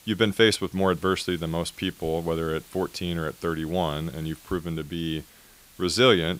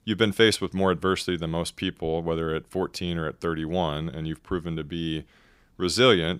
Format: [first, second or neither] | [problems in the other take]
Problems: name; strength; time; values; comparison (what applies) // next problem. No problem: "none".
second | hiss; faint; throughout; 25 dB below the speech